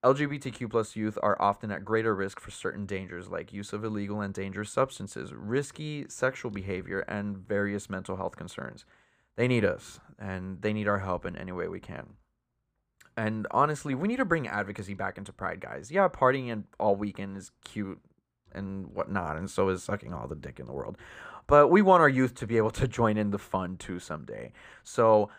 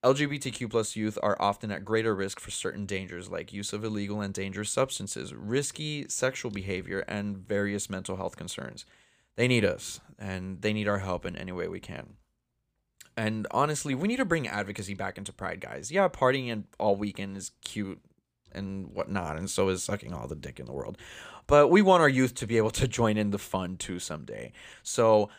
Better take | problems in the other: second | muffled; slightly; fading above 2 kHz

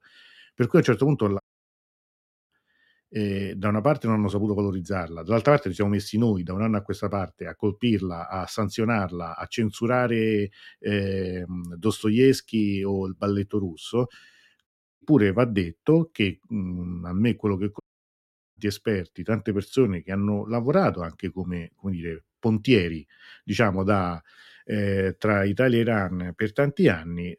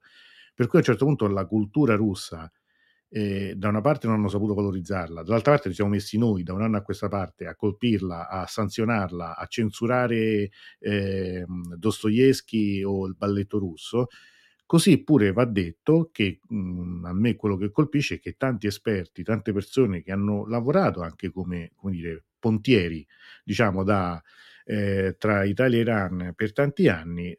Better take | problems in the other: second | audio cutting out; at 1.5 s for 1 s, at 15 s and at 18 s for 1 s

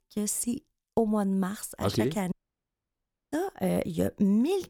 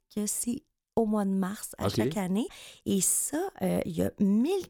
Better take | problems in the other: second | audio cutting out; at 2.5 s for 1 s

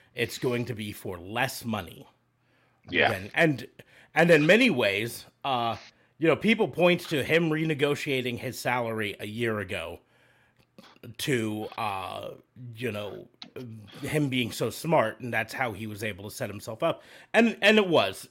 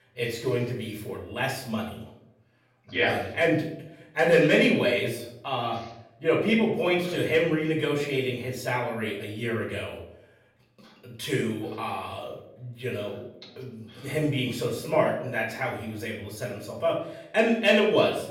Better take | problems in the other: first | off-mic speech; far // room echo; noticeable; dies away in 0.6 s

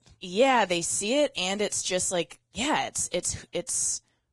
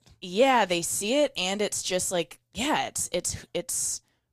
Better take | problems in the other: second | garbled, watery; badly; nothing above 10 kHz; slightly in the second

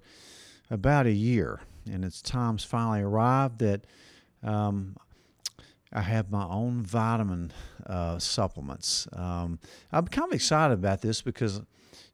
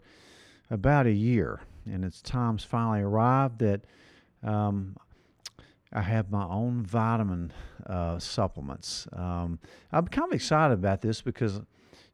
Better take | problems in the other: first | muffled; very slightly; fading above 3.5 kHz

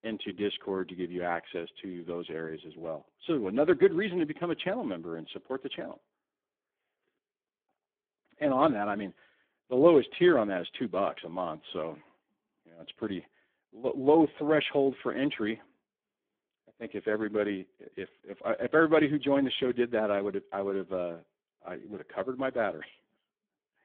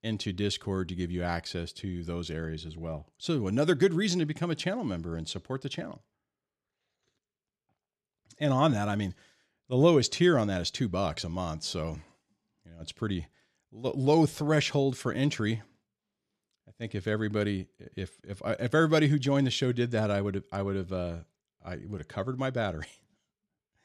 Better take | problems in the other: second | phone-call audio; poor line; nothing above 3.5 kHz

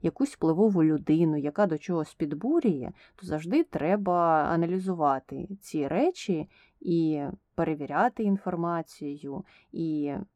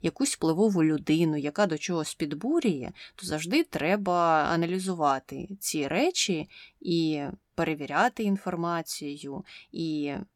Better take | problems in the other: second | muffled; very; fading above 2 kHz

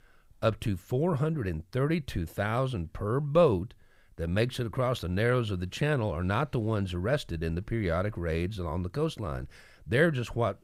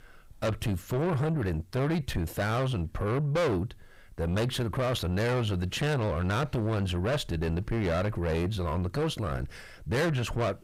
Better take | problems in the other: first | distortion; heavy; 6 dB below the speech

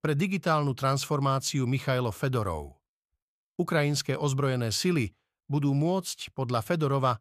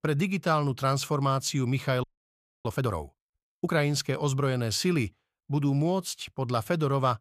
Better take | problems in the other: first | audio freezing; at 2 s for 0.5 s

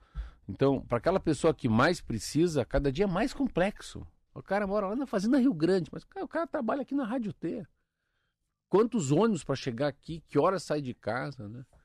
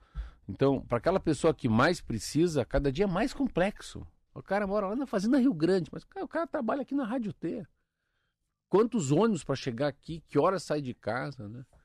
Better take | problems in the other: neither | none

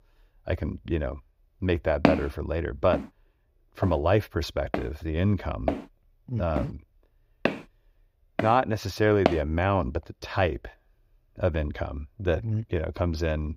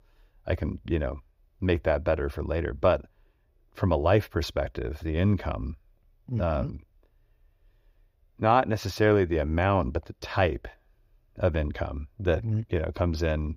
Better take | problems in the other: second | footsteps; loud; from 2 to 9.5 s; peak 3 dB above the speech

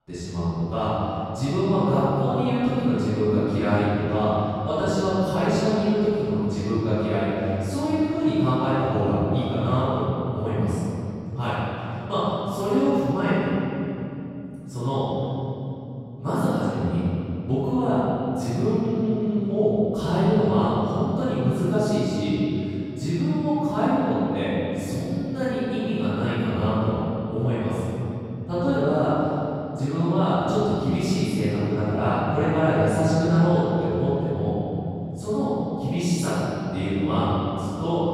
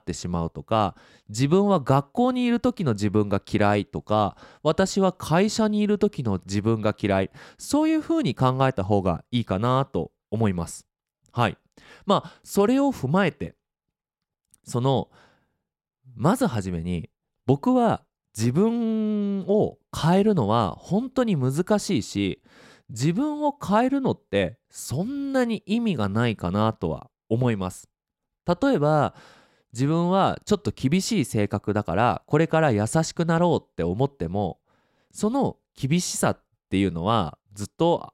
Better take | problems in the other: second | room echo; strong; dies away in 3 s // off-mic speech; far

